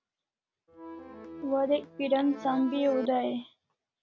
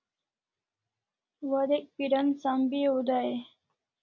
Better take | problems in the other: second | background sound (Accordion); 12 dB below the speech

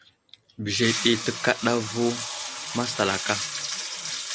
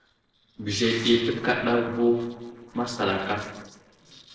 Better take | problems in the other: first | noise reduction (neural separator model SepFormer DNS4)

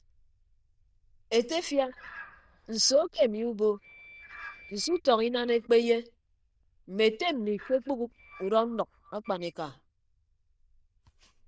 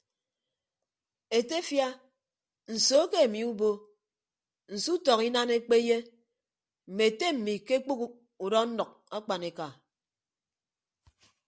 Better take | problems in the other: second | noise reduction (neural diffusion model UNIVERSE++)

